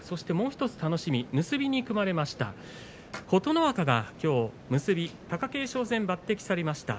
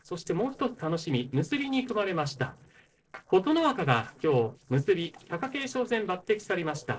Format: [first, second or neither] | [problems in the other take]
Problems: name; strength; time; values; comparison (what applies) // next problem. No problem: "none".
first | noise reduction (neural separator model SepFormer DNS4)